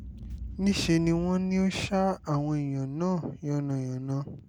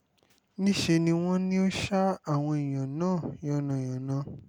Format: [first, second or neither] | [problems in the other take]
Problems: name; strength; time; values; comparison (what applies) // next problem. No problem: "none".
second | background sound (Boom); 16 dB below the speech